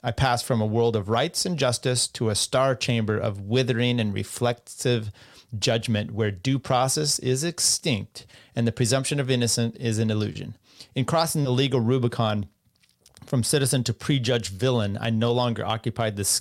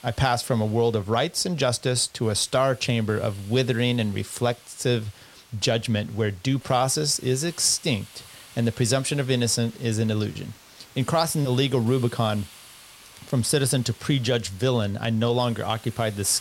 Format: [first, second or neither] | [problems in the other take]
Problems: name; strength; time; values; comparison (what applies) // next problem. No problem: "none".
first | hiss; faint; throughout; 25 dB below the speech